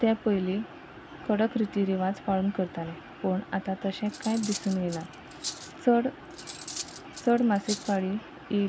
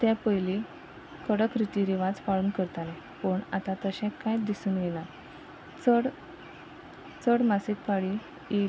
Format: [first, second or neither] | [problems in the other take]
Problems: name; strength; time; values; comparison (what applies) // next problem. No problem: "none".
second | background sound (Cutlery, silverware); 13 dB below the speech